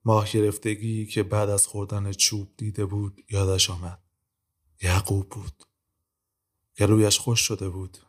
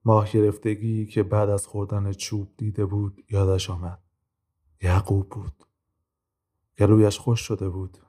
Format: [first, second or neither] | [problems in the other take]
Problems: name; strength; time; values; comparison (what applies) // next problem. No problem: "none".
first | muffled; slightly; fading above 2 kHz